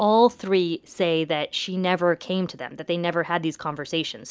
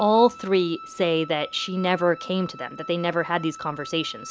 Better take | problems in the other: first | background sound (Wind instrument, woodwind instrument); 17 dB below the speech

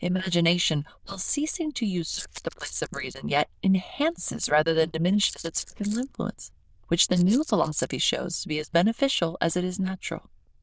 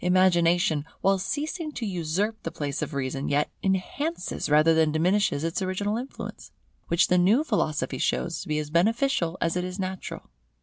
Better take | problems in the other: second | noise reduction (neural diffusion model UNIVERSE++)

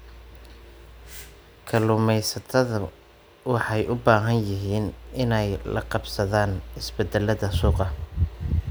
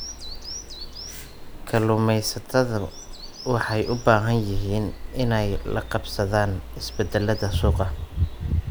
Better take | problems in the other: first | background sound (Bird vocalization, bird call, bird song); 10 dB below the speech

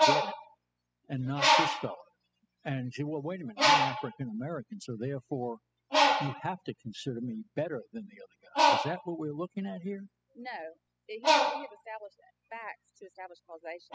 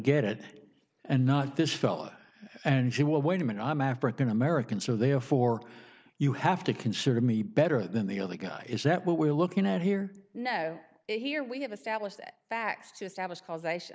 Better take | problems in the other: second | noise reduction (classical method spectral subtraction)

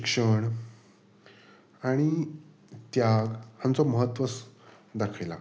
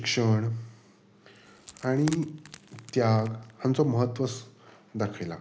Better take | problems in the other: first | background sound (Wood); 19 dB below the speech

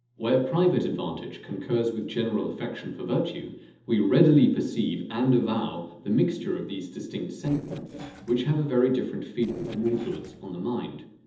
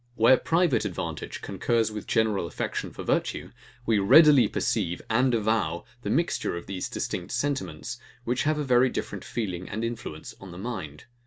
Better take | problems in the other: second | noise reduction (neural separator model SepFormer DNS4)

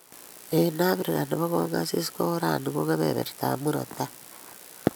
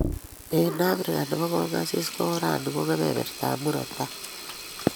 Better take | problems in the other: first | background sound (Sink (filling or washing)); 9 dB below the speech

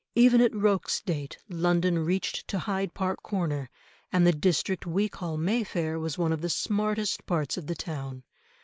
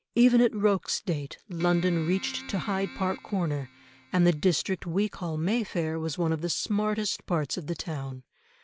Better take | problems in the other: first | background sound (Keyboard (musical)); 18 dB below the speech

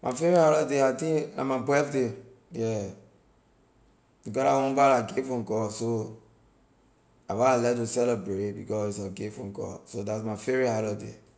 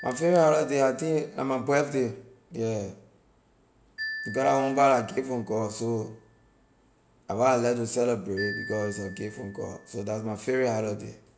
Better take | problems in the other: first | background sound (Marimba, xylophone); 17 dB below the speech

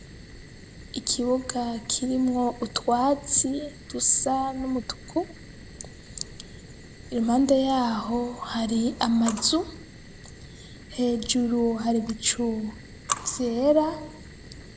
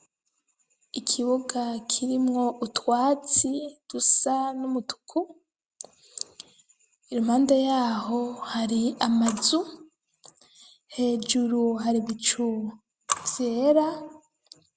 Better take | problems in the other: second | background sound (Fire); 17 dB below the speech

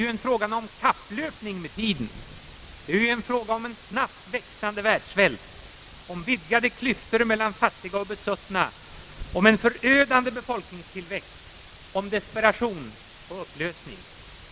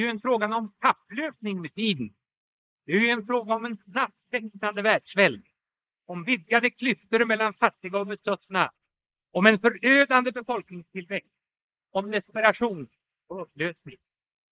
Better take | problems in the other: first | noise reduction (neural mask model Resemble Enhance denoiser)

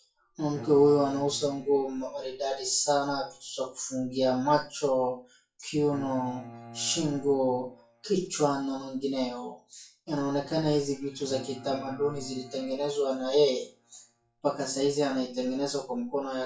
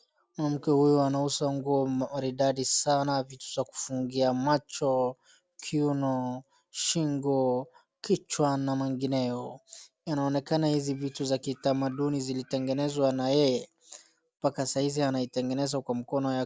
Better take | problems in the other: second | noise reduction (classical method WPE with log-MMSE)

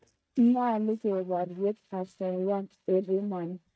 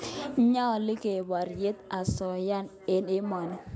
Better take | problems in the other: second | noise reduction (neural mask model DeepFilterNet 3)

